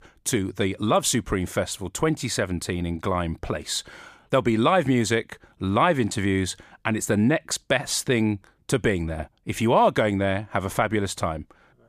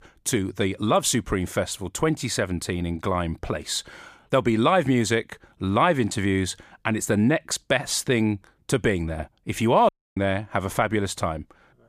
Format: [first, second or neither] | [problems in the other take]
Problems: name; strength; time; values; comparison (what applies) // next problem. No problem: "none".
first | audio cutting out; at 10 s